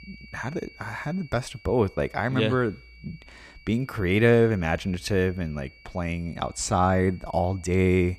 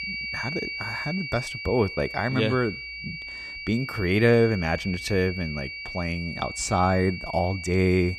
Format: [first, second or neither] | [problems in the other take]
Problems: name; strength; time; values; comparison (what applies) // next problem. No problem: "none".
first | high-pitched whine; loud; throughout; 2.5 kHz, 8 dB below the speech; faint in the first